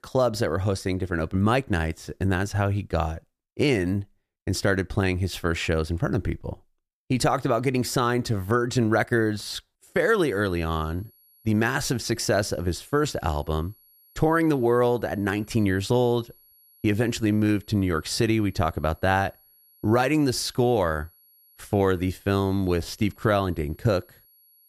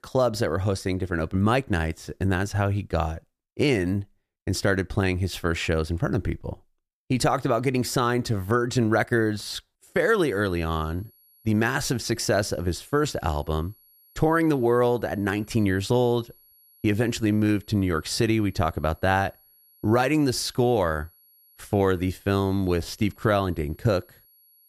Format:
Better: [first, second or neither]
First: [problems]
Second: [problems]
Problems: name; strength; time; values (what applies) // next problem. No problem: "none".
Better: neither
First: high-pitched whine; faint; from 10 s on; 11.5 kHz, 30 dB below the speech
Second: high-pitched whine; faint; from 10 s on; 11.5 kHz, 30 dB below the speech